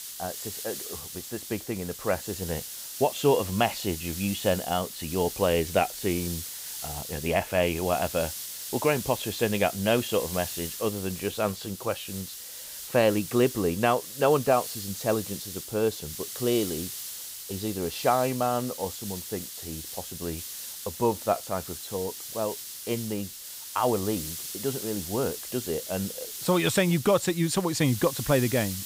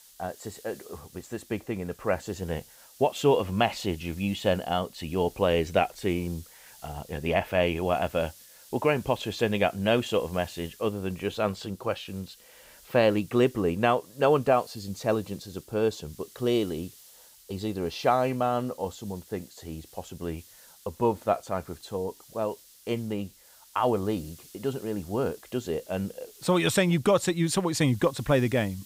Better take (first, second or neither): second